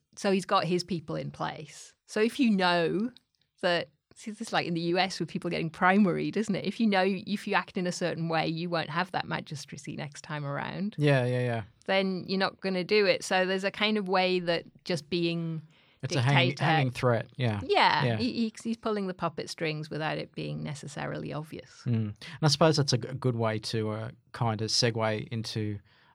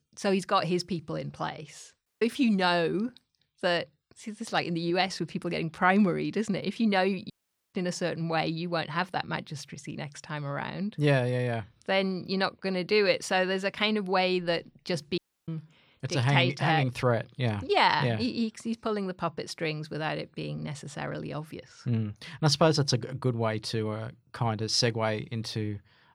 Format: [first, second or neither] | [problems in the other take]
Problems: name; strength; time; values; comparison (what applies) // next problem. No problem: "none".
first | audio cutting out; at 2 s, at 7.5 s and at 15 s